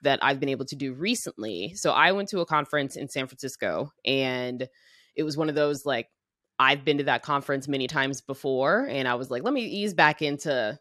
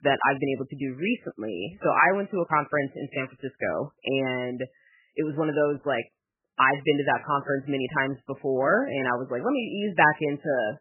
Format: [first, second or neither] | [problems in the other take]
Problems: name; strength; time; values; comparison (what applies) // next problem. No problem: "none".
first | garbled, watery; badly; nothing above 3 kHz